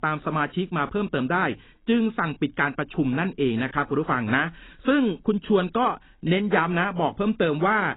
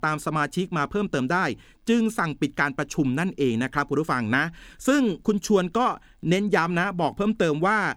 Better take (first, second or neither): second